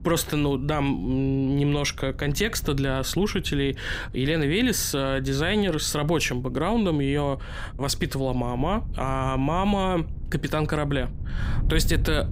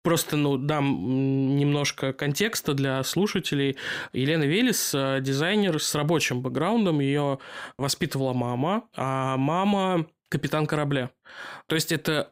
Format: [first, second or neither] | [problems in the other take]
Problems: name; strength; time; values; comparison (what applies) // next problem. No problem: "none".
second | wind noise on the microphone; occasional gusts; 25 dB below the speech